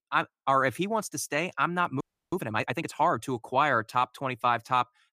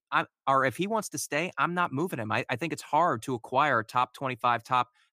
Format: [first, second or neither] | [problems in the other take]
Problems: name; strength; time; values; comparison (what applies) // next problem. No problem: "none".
second | audio freezing; at 2 s